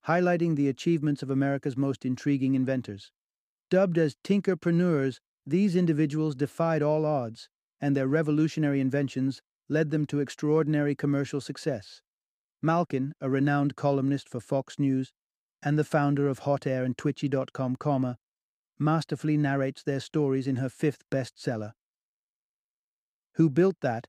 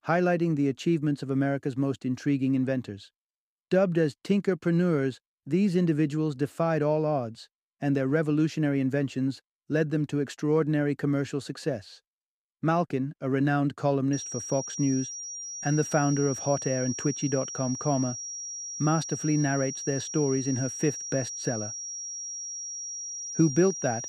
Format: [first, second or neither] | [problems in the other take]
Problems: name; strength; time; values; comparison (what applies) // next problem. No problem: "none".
first | high-pitched whine; loud; from 14 s on; 5.5 kHz, 7 dB below the speech